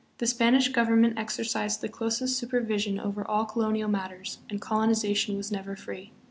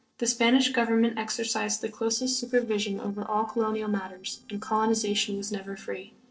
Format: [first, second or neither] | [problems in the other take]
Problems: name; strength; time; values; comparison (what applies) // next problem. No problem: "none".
first | noise reduction (neural separator model SepFormer DNS4)